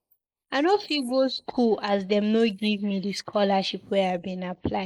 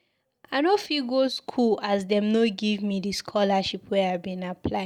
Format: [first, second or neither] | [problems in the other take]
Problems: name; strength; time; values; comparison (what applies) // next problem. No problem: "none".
second | noise reduction (neural mask model Resemble Enhance denoiser)